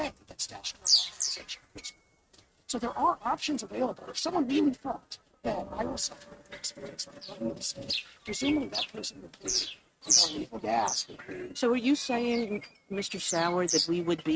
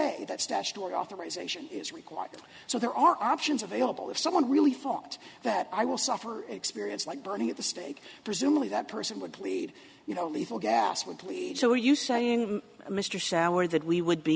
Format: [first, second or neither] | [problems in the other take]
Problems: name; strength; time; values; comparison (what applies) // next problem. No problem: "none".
second | noise reduction (neural mask model RNNoise)